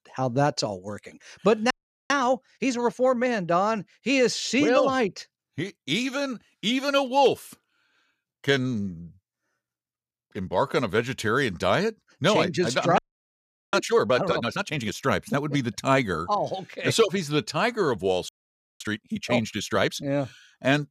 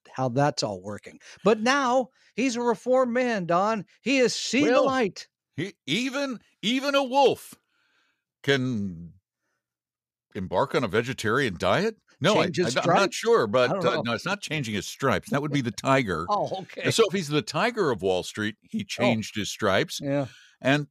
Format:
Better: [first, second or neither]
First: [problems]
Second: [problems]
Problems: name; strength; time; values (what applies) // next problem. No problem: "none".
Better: second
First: audio freezing; at 1.5 s, at 13 s for 1 s and at 18 s for 0.5 s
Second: none